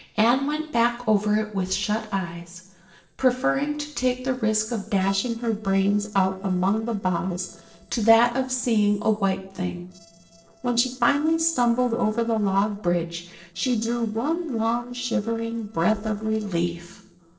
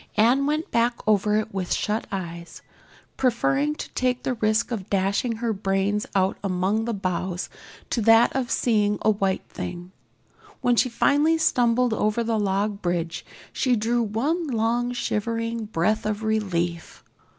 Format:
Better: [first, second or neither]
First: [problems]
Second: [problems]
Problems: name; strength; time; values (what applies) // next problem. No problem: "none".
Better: second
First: noise reduction (neural separator model SepFormer DNS4)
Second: none